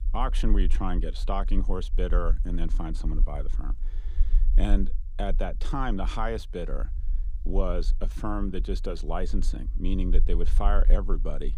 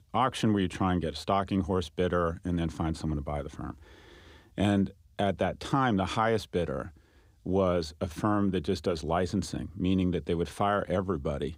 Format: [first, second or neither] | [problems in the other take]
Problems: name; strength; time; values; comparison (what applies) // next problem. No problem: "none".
second | low rumble; faint; throughout; 20 dB below the speech